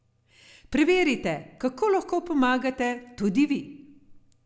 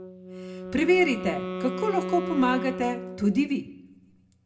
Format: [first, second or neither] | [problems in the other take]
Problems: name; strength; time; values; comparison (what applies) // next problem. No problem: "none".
first | background sound (Wind instrument, woodwind instrument); 8 dB below the speech // room echo; dies away in 0.2 s